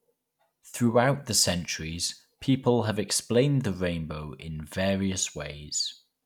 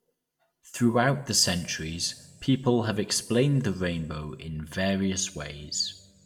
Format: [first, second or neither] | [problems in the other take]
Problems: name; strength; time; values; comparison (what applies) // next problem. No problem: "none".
first | room echo; dies away in 1 s